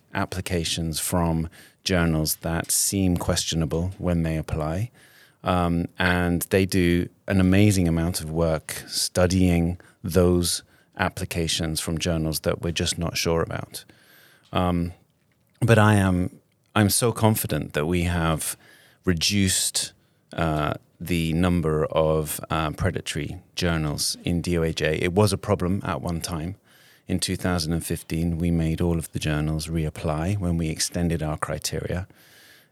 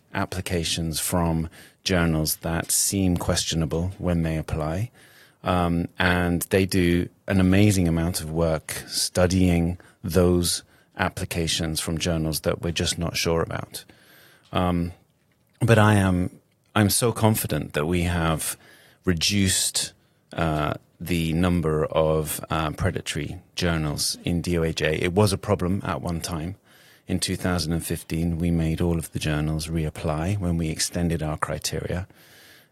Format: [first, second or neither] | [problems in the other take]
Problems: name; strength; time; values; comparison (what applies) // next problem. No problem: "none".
first | garbled, watery; slightly